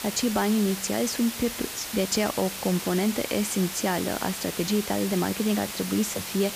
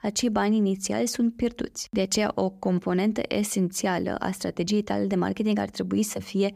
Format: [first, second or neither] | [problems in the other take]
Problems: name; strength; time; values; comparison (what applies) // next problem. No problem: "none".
second | hiss; loud; throughout; 6 dB below the speech